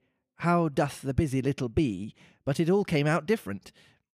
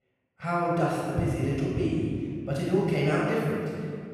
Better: first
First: none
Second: room echo; strong; dies away in 2 s // off-mic speech; far

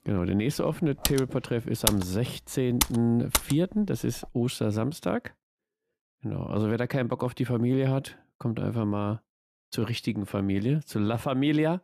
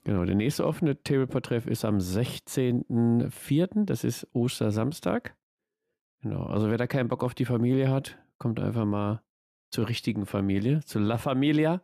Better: second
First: keyboard typing; loud; from 1 to 3.5 s; peak 1 dB above the speech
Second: none

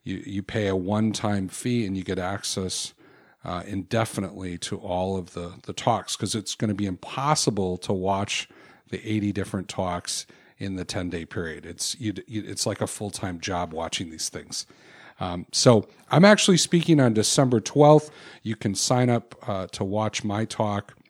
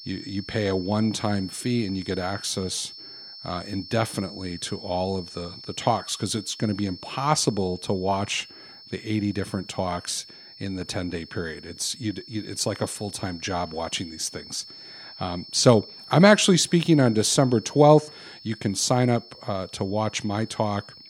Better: first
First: none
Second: high-pitched whine; noticeable; throughout; 5.5 kHz, 15 dB below the speech

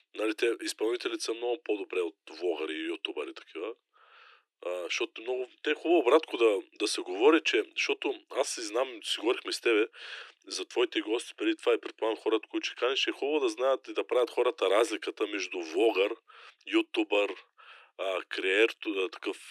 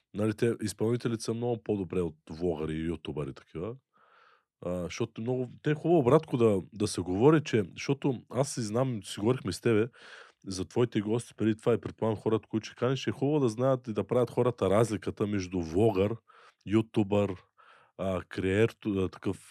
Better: second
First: thin; very; fading below 300 Hz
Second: none

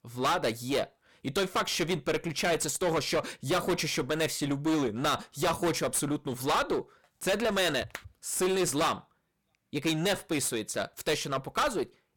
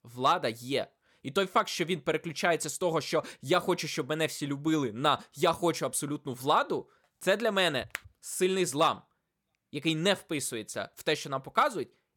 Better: second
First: distortion; heavy; 15% of the sound clipped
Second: none

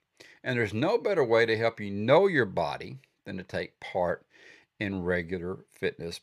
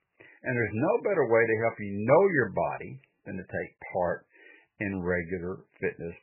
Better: first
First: none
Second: garbled, watery; badly; nothing above 2.5 kHz

